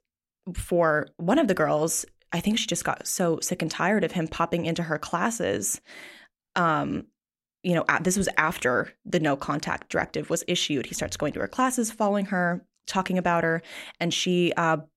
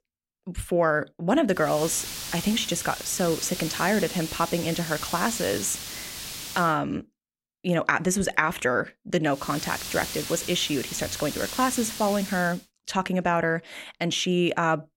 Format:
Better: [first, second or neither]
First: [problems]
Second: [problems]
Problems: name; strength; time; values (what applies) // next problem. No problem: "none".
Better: first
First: none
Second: hiss; loud; from 1.5 to 6.5 s and from 9.5 to 13 s; 8 dB below the speech